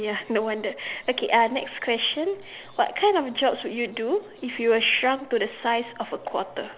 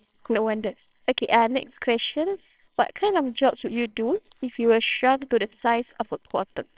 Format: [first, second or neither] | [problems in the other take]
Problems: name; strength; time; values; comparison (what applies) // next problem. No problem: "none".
first | noise reduction (neural separator model SepFormer WHAMR!)